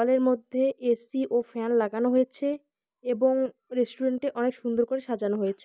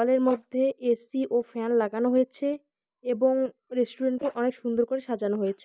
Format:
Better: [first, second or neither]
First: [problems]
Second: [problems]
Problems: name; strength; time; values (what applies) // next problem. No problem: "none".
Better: first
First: none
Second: noise reduction (neural mask model Resemble Enhance denoiser)